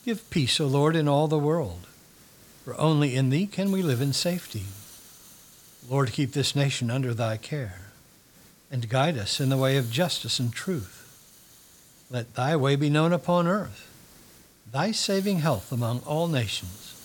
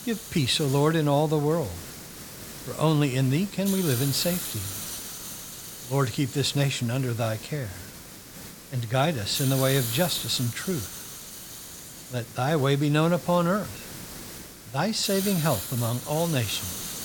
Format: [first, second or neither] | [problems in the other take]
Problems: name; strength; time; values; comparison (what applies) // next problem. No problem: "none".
first | hiss; loud; throughout; 9 dB below the speech; faint in the first